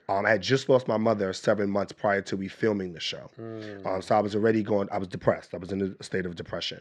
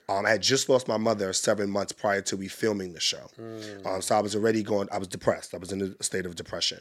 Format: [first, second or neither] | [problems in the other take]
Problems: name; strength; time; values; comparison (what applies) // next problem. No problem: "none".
second | muffled; slightly; fading above 3 kHz